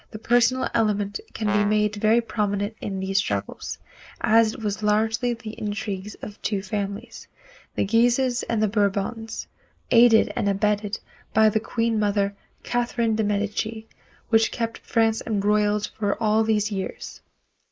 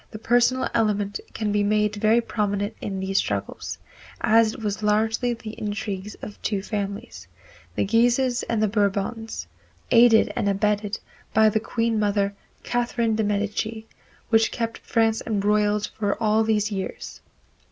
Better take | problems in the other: second | noise reduction (neural mask model Resemble Enhance denoiser)

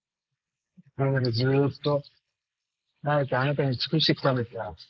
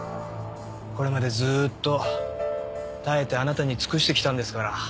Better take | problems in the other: second | noise reduction (neural mask model Resemble Enhance denoiser)

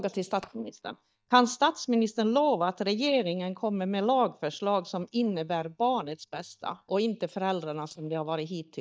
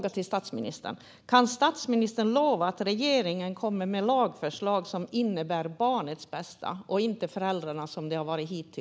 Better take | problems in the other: second | noise reduction (neural mask model DeepFilterNet 3)

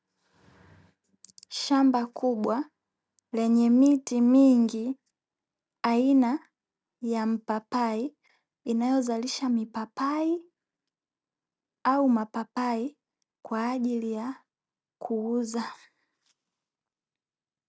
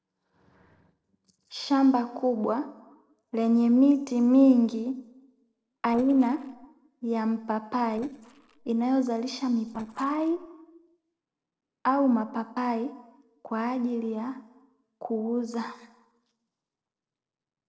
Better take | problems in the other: first | noise reduction (neural separator model SepFormer DNS4)

